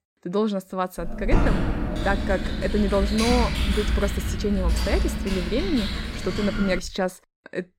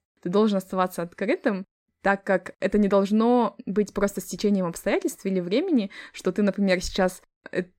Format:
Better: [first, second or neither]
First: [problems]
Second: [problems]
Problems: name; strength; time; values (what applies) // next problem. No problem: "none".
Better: second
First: keyboard typing; loud; from 1 to 7 s; peak 4 dB above the speech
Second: none